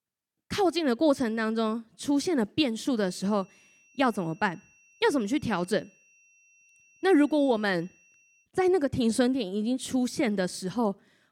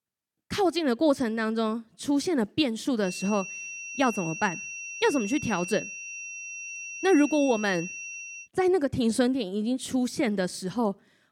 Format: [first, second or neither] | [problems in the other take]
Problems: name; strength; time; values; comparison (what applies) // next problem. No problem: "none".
first | high-pitched whine; loud; from 3 to 8.5 s; 2.5 kHz, 9 dB below the speech; faint in the first